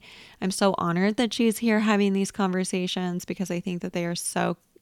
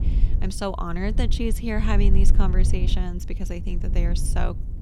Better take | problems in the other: first | low rumble; noticeable; throughout; 10 dB below the speech

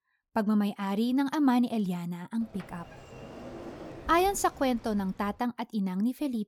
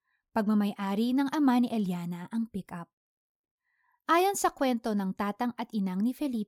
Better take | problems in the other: second | door banging; faint; from 2.5 to 5.5 s; peak 15 dB below the speech

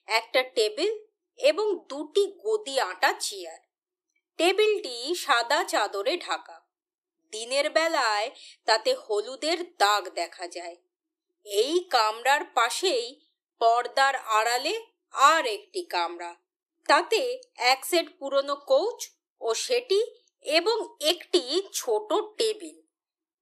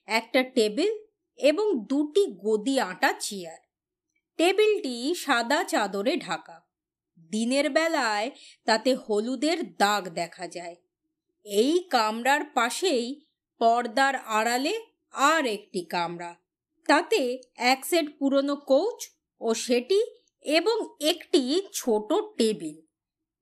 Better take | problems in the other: second | thin; very; fading below 350 Hz

